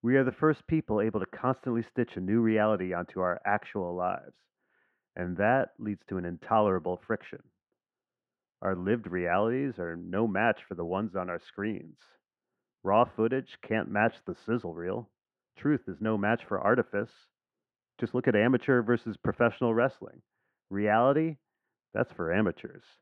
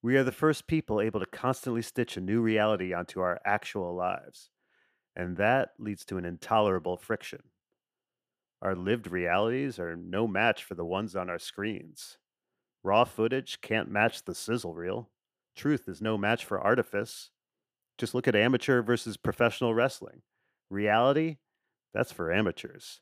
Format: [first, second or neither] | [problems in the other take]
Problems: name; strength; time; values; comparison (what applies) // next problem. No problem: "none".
second | muffled; very; fading above 1.5 kHz